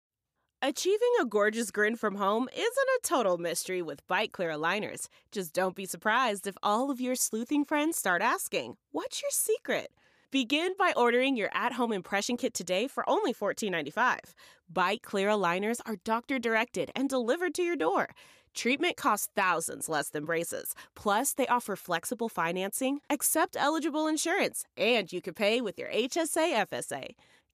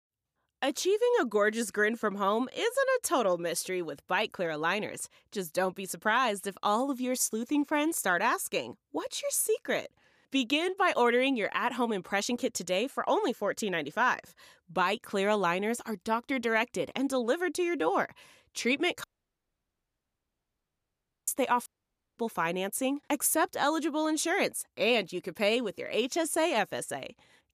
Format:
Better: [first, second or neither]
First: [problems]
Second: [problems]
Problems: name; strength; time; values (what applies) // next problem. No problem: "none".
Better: first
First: none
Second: audio cutting out; at 19 s for 2 s and at 22 s for 0.5 s